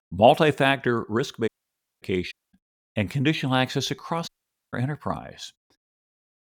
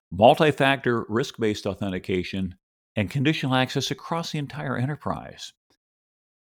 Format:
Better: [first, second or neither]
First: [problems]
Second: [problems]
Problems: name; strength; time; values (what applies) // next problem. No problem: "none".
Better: second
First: audio cutting out; at 1.5 s for 0.5 s, at 2.5 s and at 4.5 s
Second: none